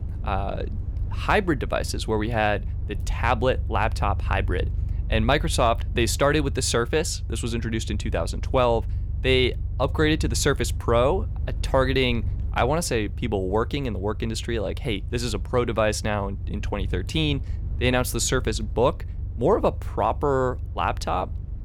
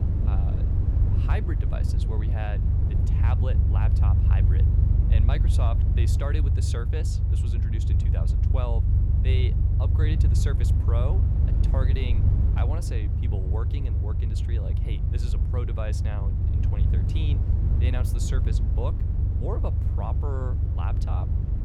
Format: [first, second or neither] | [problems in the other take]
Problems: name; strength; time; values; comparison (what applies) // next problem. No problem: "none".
first | low rumble; loud; throughout; 1 dB below the speech; faint in the first